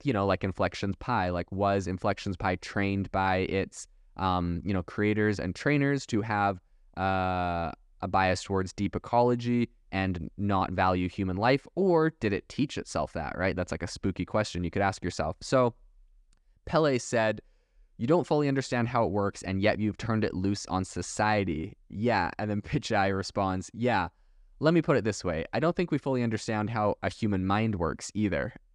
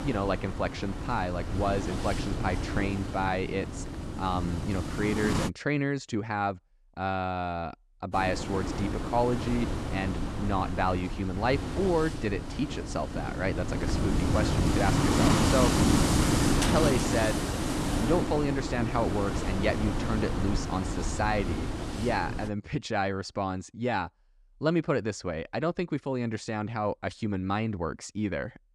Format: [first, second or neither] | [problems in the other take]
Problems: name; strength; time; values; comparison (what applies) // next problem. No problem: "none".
first | wind noise on the microphone; heavy; until 5.5 s and from 8 to 22 s; 2 dB below the speech